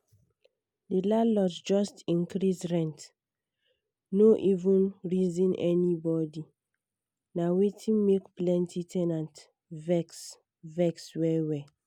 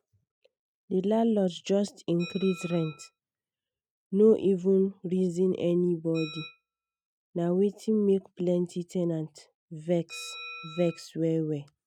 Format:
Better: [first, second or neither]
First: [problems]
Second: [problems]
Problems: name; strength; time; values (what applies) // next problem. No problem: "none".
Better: first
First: none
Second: noise reduction (neural mask model RNNoise)